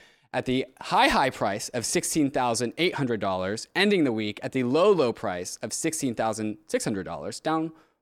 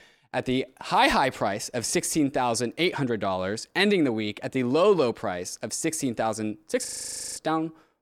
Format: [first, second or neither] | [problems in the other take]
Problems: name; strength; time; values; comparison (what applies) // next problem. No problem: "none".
first | audio freezing; at 7 s for 0.5 s